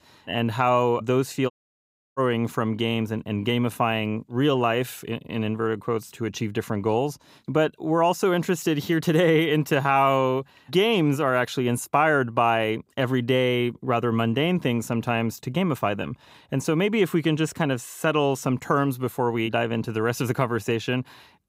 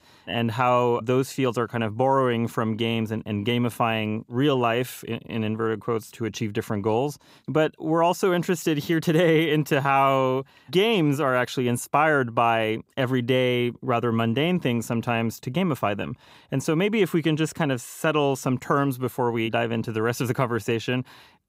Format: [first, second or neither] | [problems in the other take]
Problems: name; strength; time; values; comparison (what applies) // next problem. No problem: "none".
second | audio cutting out; at 1.5 s for 0.5 s